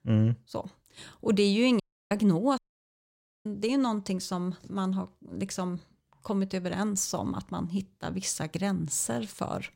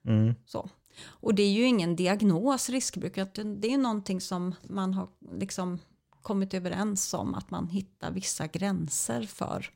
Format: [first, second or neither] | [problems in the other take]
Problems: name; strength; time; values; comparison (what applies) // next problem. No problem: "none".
second | audio cutting out; at 2 s and at 2.5 s for 1 s